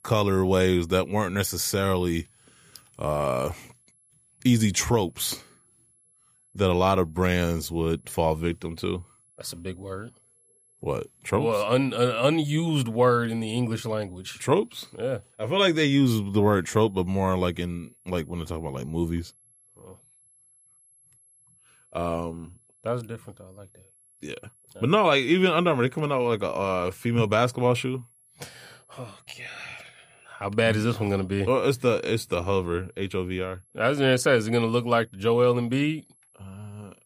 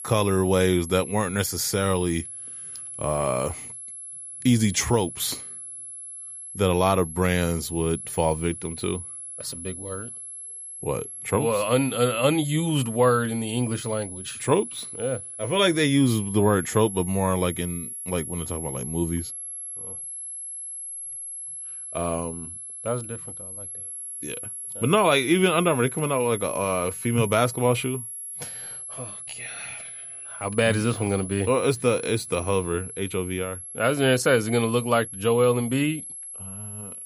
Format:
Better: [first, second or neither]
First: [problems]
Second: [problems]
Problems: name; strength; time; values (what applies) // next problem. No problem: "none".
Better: first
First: high-pitched whine; faint; throughout; 11 kHz, 35 dB below the speech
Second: high-pitched whine; loud; throughout; 11 kHz, 10 dB below the speech